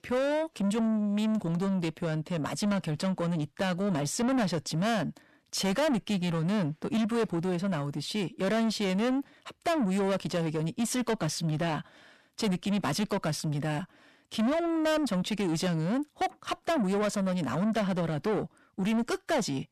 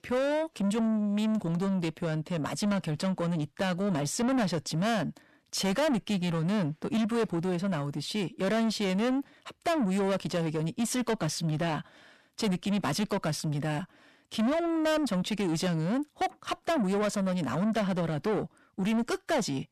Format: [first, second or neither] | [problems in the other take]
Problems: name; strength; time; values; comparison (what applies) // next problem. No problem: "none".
neither | distortion; heavy; 7 dB below the speech; the same in both